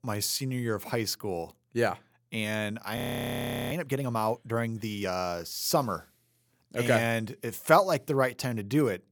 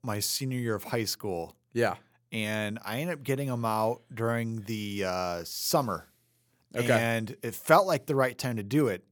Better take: second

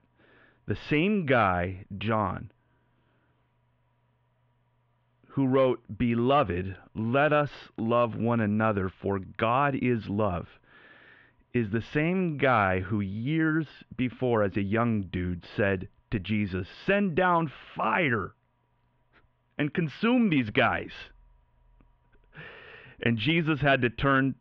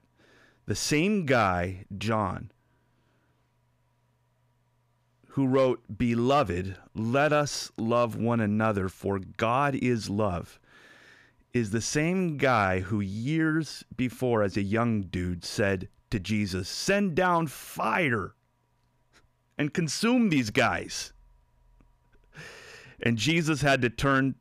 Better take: second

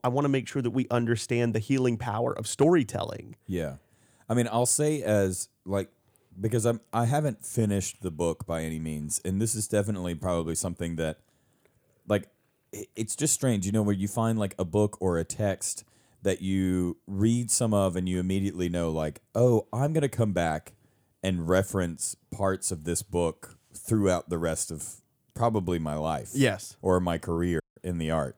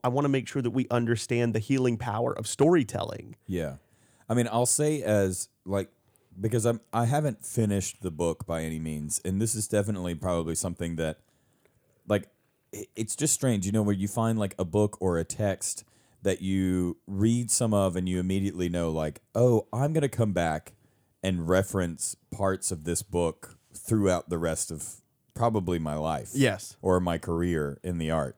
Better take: second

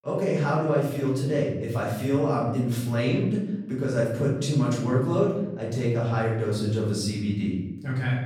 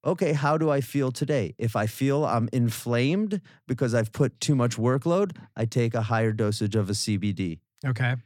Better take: second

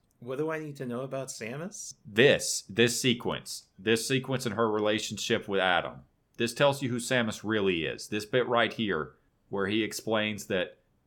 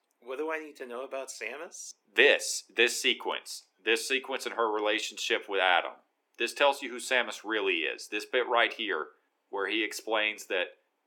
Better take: first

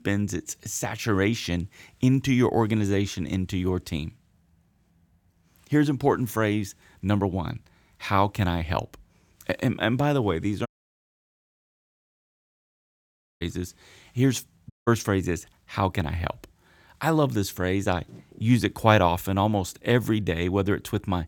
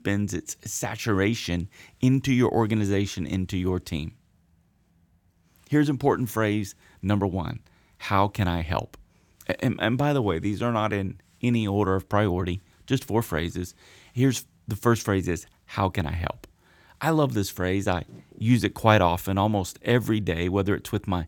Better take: second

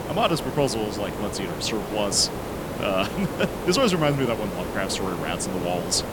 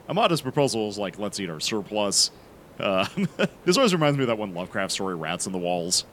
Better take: second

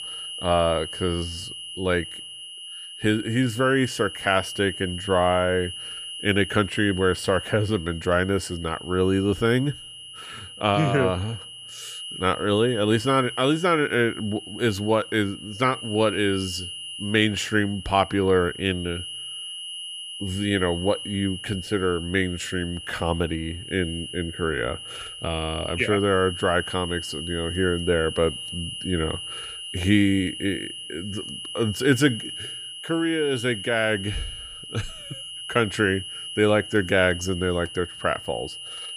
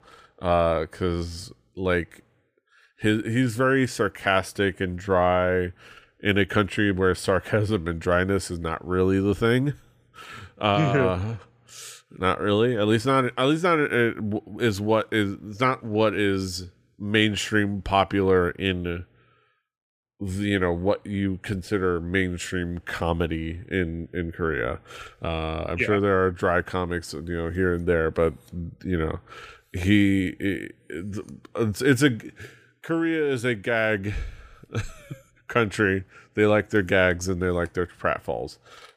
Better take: second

